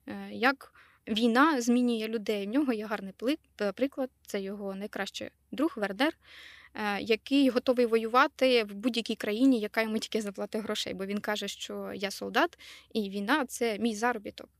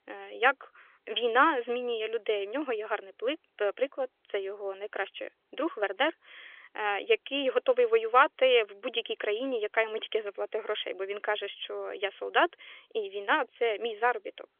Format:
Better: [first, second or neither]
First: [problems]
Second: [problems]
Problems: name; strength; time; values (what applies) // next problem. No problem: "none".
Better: first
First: none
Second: phone-call audio; nothing above 3.5 kHz